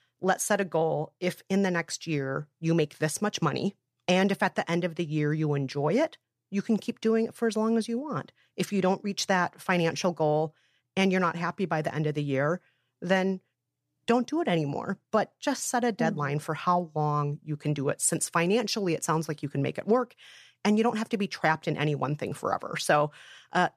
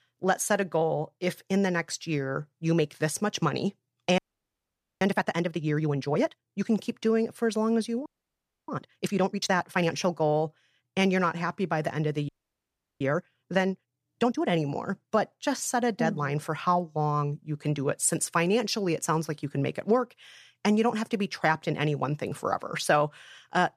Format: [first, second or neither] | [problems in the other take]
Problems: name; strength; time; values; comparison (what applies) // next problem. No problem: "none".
first | audio freezing; at 4 s for 1 s, at 8 s for 0.5 s and at 12 s for 0.5 s